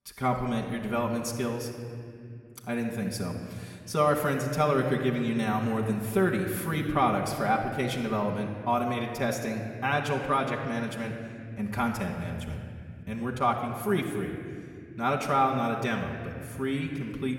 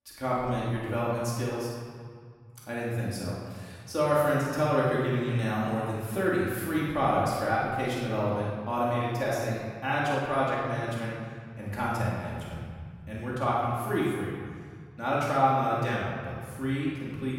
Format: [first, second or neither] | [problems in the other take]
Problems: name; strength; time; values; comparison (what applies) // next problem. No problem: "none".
first | room echo; strong; dies away in 1.9 s; slight in the first // off-mic speech; far; somewhat distant in the first